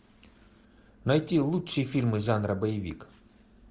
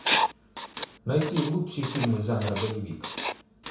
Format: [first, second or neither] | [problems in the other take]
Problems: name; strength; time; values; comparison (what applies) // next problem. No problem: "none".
first | background sound (Writing); 3 dB below the speech // room echo; dies away in 0.6 s